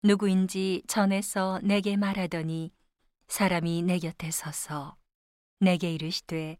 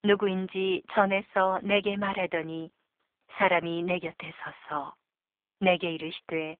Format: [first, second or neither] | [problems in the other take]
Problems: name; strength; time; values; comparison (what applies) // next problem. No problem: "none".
first | phone-call audio; poor line; nothing above 3 kHz